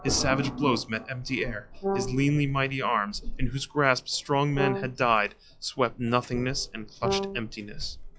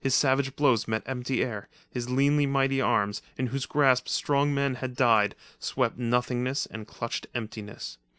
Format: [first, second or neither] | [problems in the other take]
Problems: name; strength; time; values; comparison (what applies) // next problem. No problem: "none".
second | noise reduction (classical method log-MMSE)